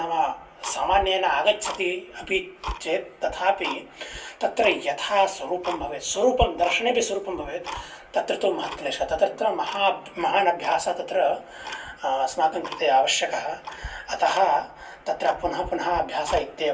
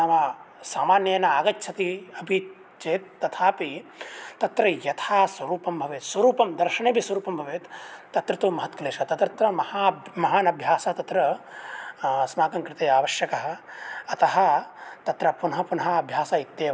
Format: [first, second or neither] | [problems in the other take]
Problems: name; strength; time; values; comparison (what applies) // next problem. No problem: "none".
second | background sound (Tick-tock); 14 dB below the speech // room echo; dies away in 0.3 s